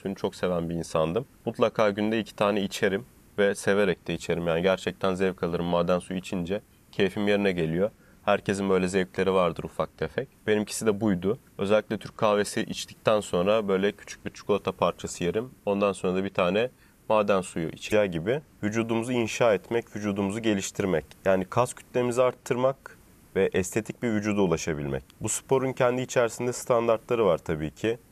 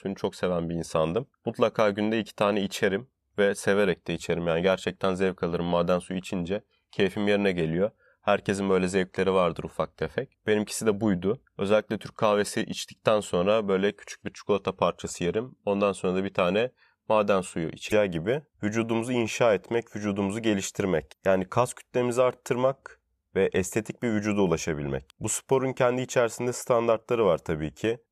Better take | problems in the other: second | hiss; faint; throughout; 30 dB below the speech

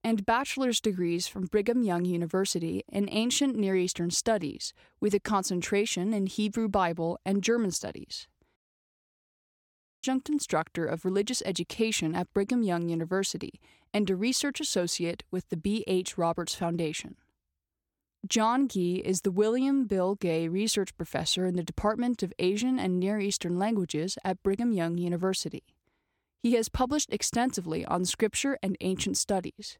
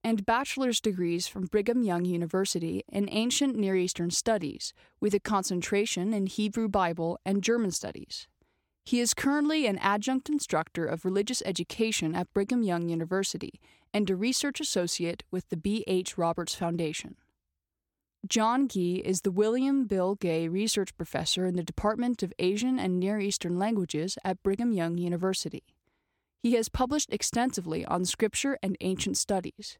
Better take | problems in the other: second | audio cutting out; at 8.5 s for 1.5 s

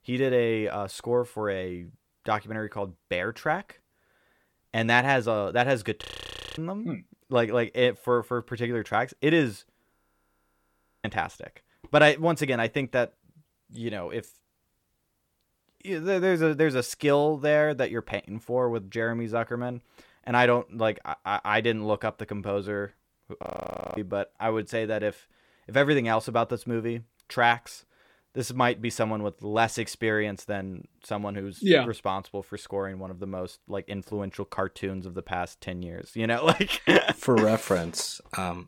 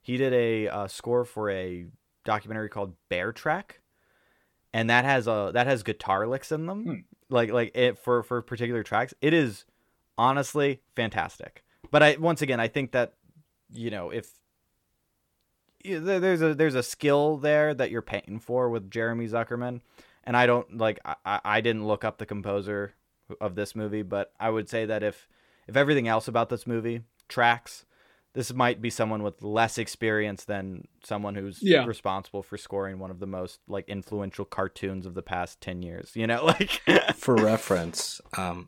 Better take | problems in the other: second | audio freezing; at 6 s for 0.5 s, at 10 s for 1 s and at 23 s for 0.5 s

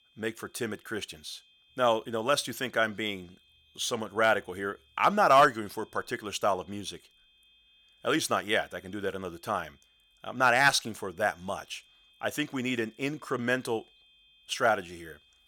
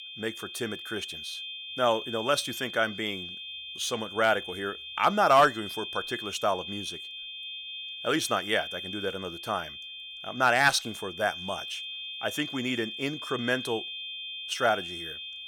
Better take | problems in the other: first | high-pitched whine; loud; throughout; 3 kHz, 8 dB below the speech; faint in the first

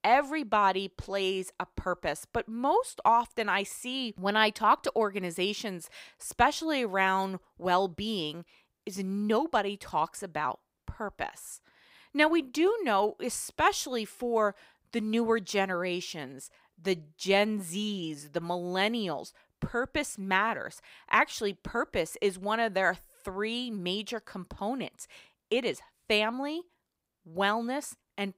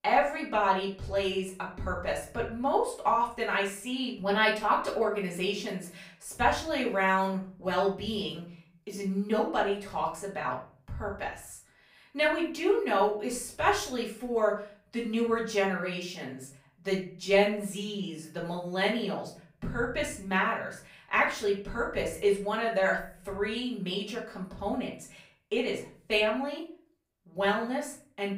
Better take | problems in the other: first | room echo; slight; dies away in 0.5 s // off-mic speech; far

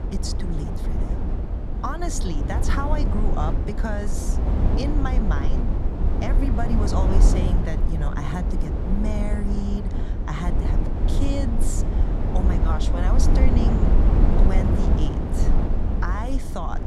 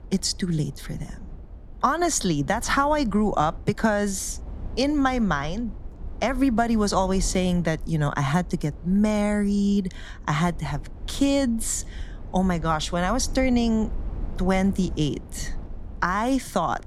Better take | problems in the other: second | low rumble; loud; throughout; 1 dB below the speech; faint in the second

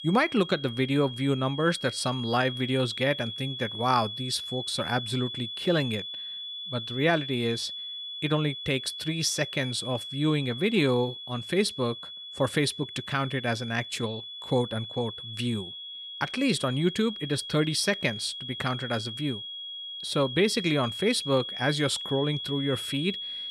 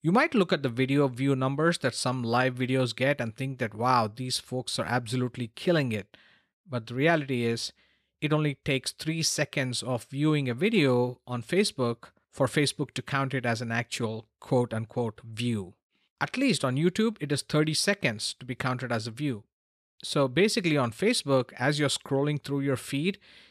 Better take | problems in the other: second | high-pitched whine; loud; throughout; 3.5 kHz, 7 dB below the speech

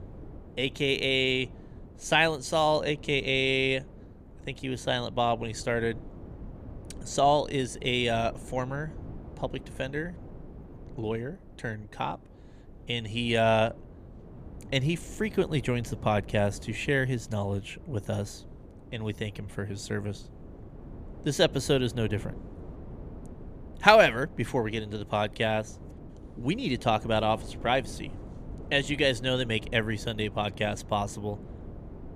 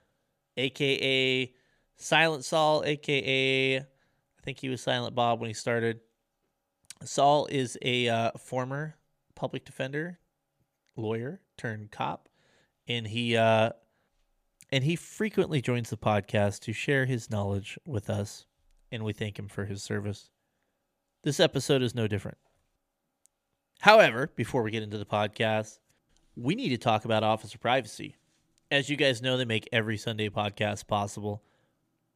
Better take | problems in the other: second | wind noise on the microphone; occasional gusts; 25 dB below the speech

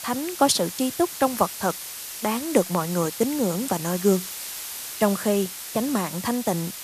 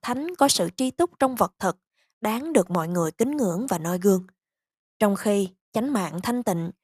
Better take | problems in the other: second | hiss; loud; throughout; 8 dB below the speech

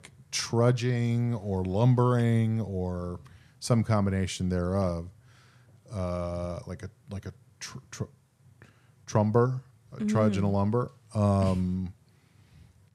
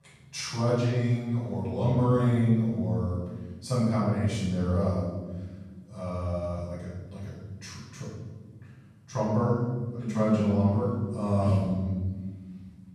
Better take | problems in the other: first | off-mic speech; far // room echo; strong; dies away in 1.5 s

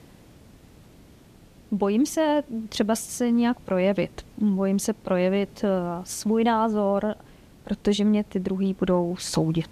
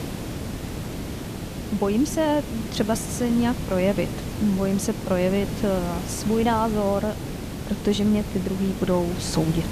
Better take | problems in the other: first | hiss; loud; throughout; 7 dB below the speech; faint in the first

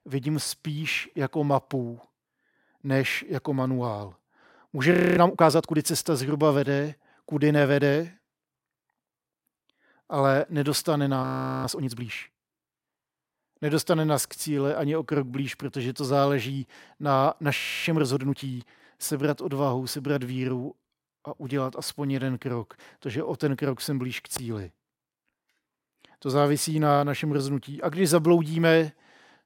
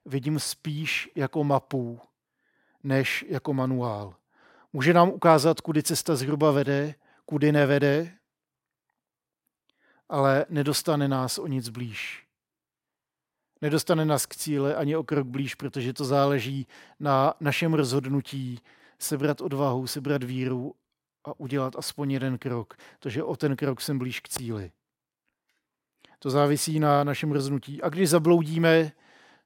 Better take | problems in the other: second | audio freezing; at 5 s, at 11 s and at 18 s

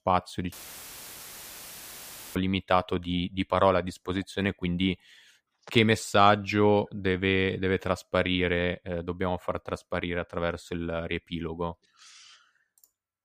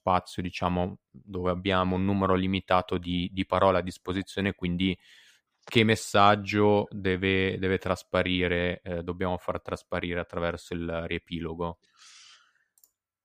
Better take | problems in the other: second | audio cutting out; filled with static; at 0.5 s for 2 s

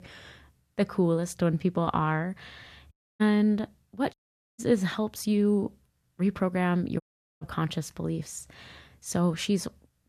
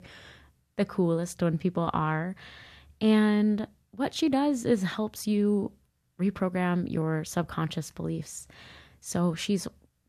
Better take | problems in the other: second | audio cutting out; at 3 s, at 4 s and at 7 s

